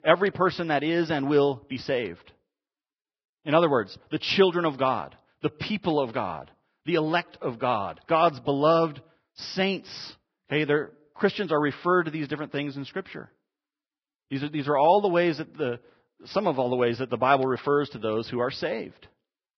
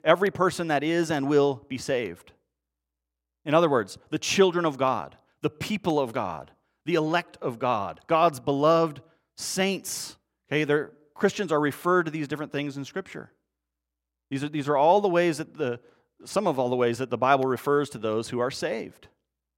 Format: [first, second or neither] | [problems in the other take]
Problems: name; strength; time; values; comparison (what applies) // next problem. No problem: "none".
second | garbled, watery; badly; nothing above 5.5 kHz